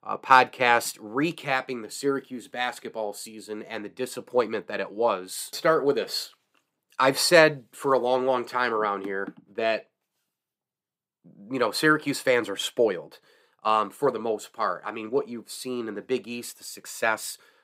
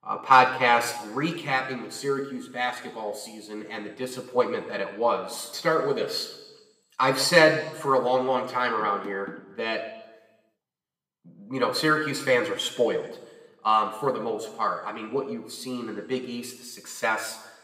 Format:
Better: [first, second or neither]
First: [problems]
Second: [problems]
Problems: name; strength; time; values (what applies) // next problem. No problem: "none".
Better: first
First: none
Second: room echo; slight; dies away in 1 s